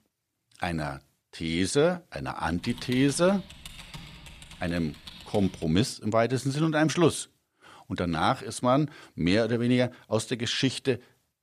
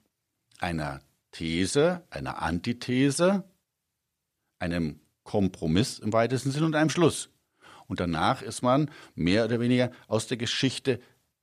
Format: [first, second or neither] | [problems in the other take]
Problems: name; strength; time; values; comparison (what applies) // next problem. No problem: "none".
second | keyboard typing; faint; from 2.5 to 5.5 s; peak 15 dB below the speech